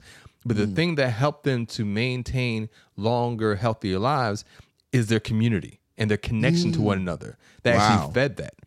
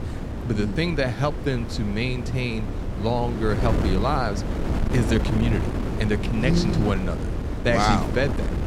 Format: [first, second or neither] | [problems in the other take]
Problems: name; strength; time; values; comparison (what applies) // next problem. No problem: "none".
first | wind noise on the microphone; heavy; 7 dB below the speech